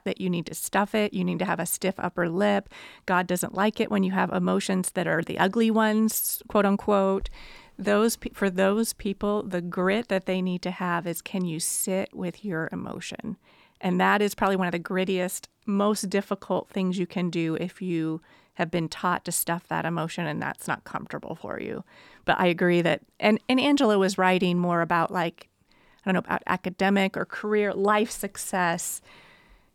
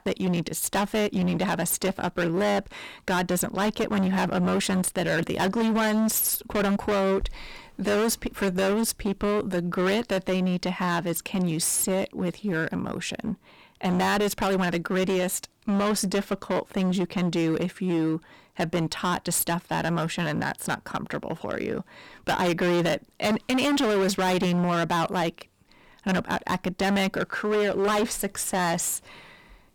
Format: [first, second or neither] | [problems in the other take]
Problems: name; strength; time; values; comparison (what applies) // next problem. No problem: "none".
first | distortion; heavy; 19% of the sound clipped